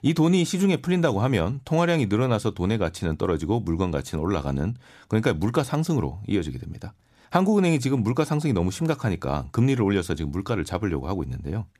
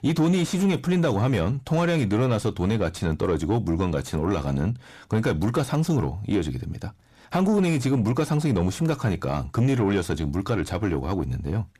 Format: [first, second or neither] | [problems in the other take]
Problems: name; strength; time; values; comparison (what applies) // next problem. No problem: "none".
first | distortion; slight; 10 dB below the speech